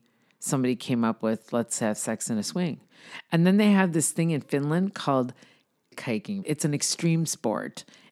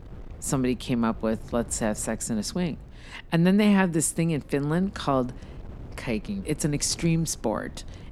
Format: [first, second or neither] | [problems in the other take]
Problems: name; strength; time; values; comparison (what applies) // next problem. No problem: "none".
first | wind noise on the microphone; occasional gusts; 25 dB below the speech